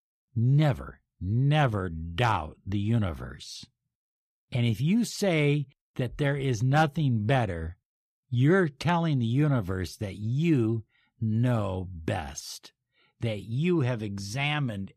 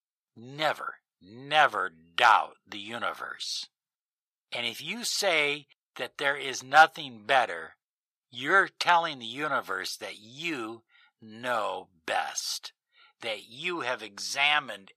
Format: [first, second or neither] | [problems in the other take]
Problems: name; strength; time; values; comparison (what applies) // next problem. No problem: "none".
first | thin; very; fading below 800 Hz